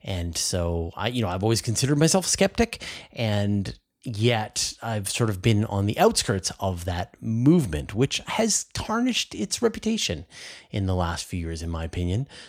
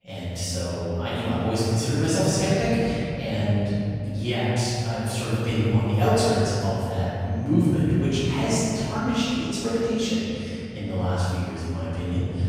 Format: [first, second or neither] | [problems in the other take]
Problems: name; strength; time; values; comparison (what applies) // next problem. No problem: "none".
first | off-mic speech; far // room echo; strong; dies away in 3 s